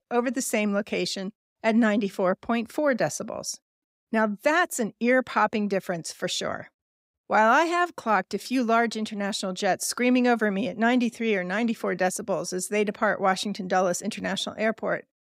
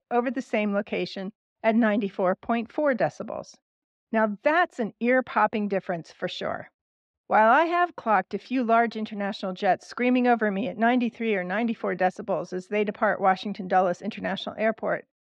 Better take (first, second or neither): first